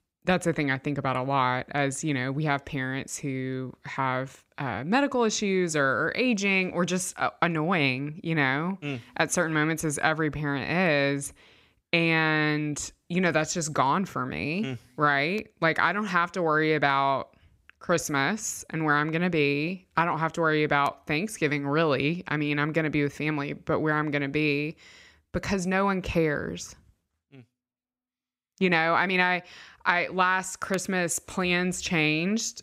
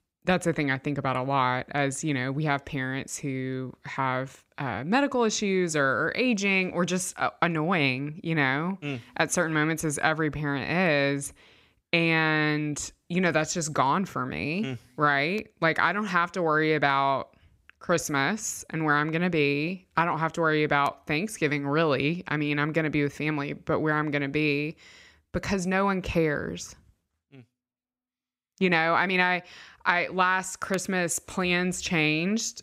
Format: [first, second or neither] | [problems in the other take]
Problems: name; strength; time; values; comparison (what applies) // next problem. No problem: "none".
neither | none